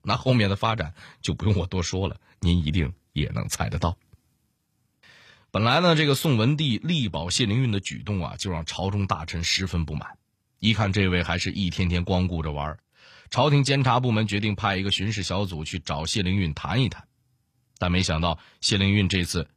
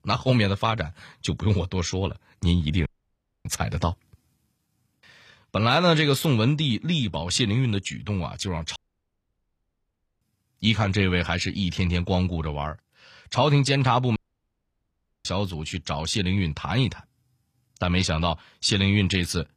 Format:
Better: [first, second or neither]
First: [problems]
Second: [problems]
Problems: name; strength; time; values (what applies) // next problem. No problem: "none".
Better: first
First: none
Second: audio cutting out; at 3 s for 0.5 s, at 9 s for 1.5 s and at 14 s for 1 s